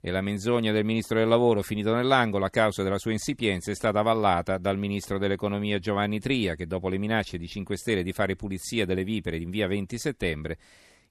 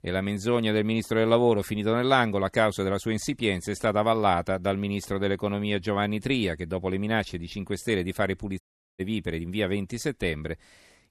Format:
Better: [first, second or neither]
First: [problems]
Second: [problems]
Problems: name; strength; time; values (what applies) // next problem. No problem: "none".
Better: first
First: none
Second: audio cutting out; at 8.5 s